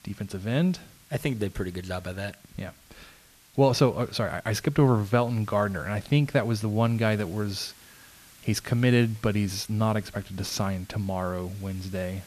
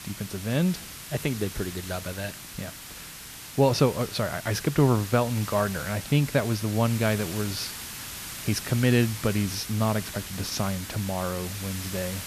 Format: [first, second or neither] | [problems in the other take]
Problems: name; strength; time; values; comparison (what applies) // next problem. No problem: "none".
first | hiss; loud; throughout; 10 dB below the speech; faint in the first